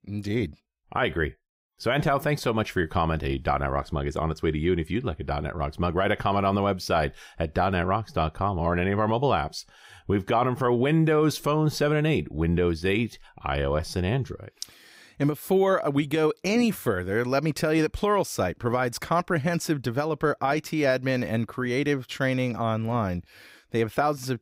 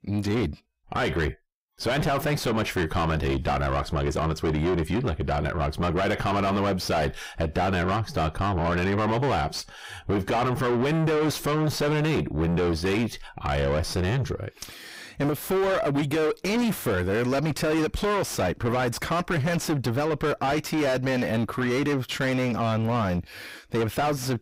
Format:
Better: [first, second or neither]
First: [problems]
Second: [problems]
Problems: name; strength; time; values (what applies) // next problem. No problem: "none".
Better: first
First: none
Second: distortion; heavy; 5 dB below the speech